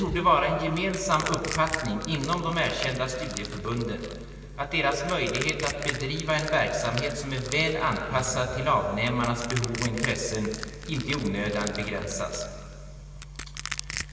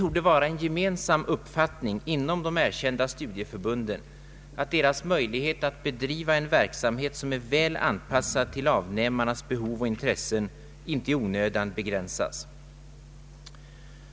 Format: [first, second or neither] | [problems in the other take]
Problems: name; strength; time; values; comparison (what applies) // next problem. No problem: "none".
second | background sound (Crushing); 11 dB below the speech // room echo; dies away in 2.5 s